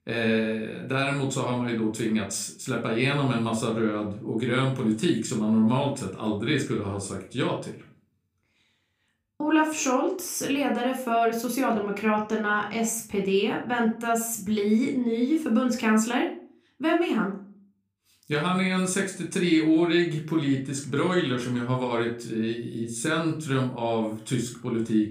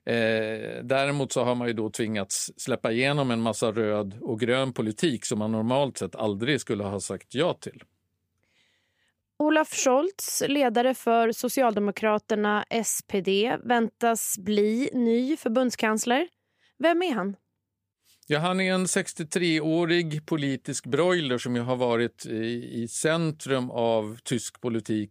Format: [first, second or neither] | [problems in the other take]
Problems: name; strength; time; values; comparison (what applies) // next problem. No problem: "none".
second | room echo; slight; dies away in 0.3 s // off-mic speech; somewhat distant